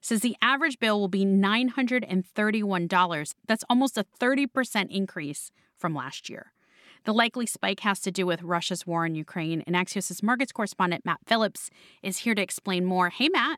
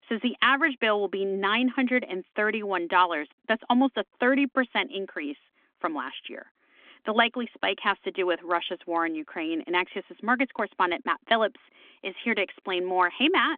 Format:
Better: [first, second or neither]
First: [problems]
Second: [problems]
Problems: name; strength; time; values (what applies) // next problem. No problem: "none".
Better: first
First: none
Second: phone-call audio; nothing above 3.5 kHz